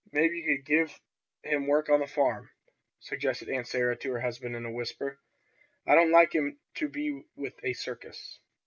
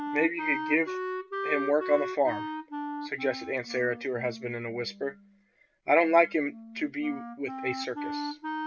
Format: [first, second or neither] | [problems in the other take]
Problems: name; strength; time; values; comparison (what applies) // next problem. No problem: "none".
first | background sound (Wind instrument, woodwind instrument); 7 dB below the speech